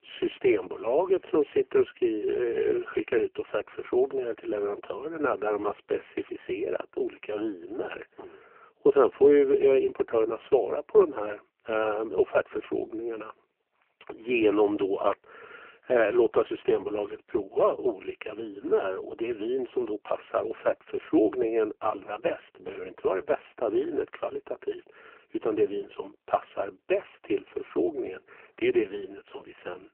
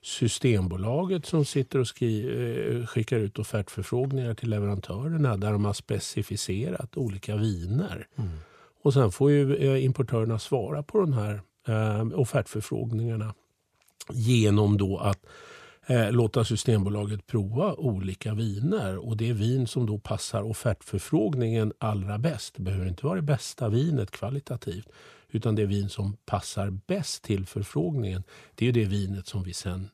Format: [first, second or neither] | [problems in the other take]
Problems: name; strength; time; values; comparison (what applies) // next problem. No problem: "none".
second | phone-call audio; poor line